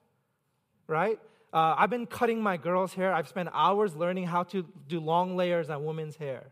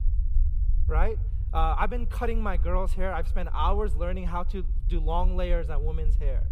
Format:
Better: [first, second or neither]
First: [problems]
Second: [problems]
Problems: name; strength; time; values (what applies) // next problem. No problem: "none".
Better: first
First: none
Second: low rumble; faint; throughout; 20 dB below the speech